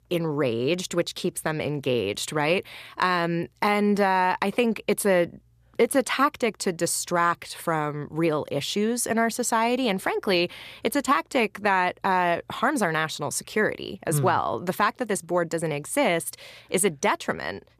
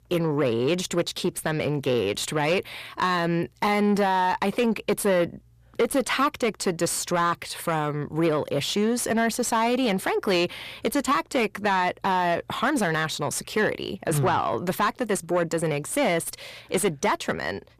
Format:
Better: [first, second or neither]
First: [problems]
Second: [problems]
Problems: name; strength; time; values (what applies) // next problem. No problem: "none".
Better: first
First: none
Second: distortion; slight; 10 dB below the speech